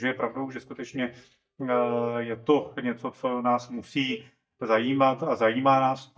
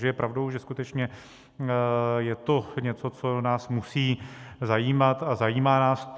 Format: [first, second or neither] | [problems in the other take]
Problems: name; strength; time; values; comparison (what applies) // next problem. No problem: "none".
second | noise reduction (neural mask model DeepFilterNet 3)